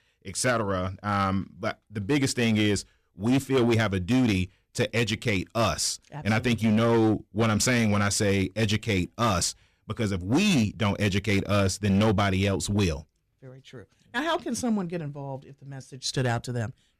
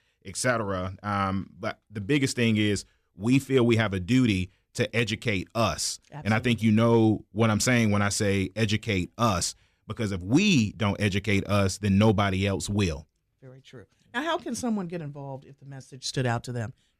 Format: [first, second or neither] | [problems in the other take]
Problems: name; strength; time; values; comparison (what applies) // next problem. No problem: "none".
second | distortion; slight; 7% of the sound clipped